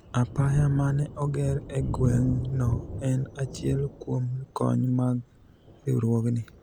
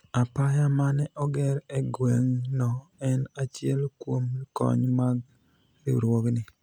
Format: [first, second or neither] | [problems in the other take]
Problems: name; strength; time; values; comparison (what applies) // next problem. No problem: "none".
second | background sound (Thunder); 9 dB below the speech